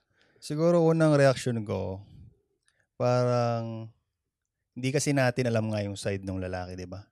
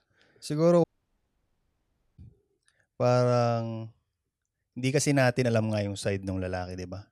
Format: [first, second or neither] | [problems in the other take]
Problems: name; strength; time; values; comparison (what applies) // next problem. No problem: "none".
first | audio cutting out; at 1 s for 1.5 s